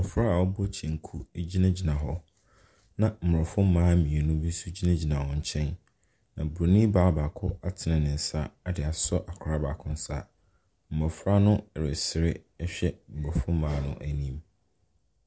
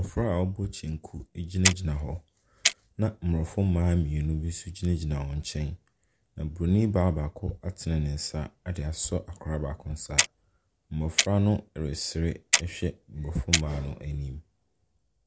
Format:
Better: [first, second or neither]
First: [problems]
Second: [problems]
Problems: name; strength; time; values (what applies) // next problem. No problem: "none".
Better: first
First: none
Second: background sound (Clock); 2 dB below the speech